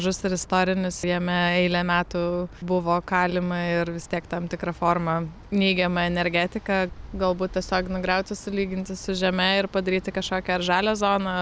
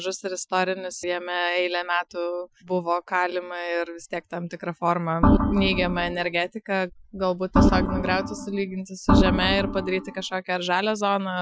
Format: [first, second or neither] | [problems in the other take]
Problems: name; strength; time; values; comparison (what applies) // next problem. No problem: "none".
first | noise reduction (classical method Wiener filter)